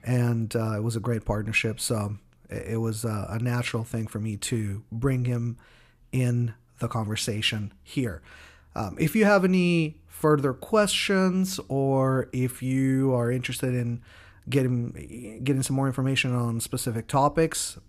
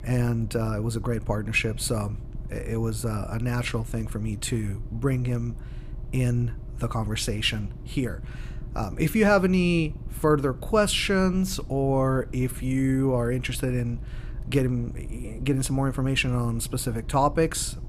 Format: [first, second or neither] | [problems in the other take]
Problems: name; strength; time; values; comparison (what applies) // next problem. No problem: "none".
first | low rumble; faint; throughout; 25 dB below the speech